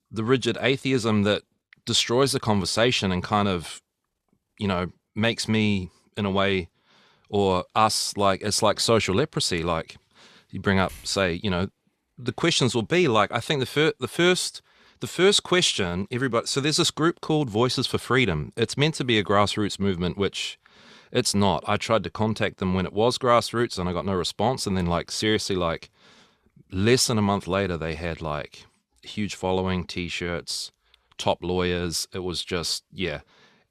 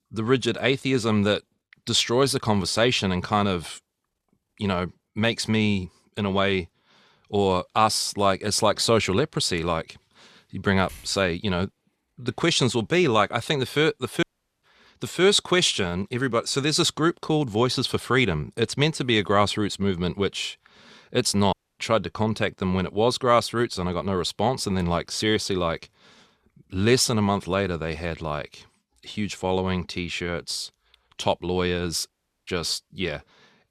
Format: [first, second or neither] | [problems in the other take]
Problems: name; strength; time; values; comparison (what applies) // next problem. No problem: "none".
first | audio cutting out; at 14 s, at 22 s and at 32 s